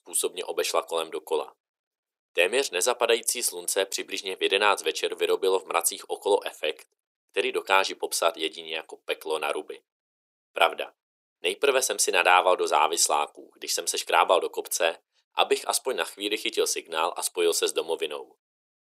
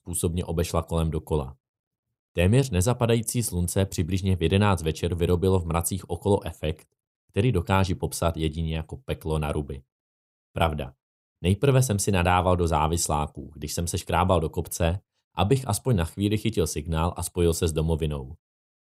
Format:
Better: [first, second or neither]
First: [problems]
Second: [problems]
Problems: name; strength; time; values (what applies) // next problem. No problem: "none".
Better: second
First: thin; very; fading below 400 Hz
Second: none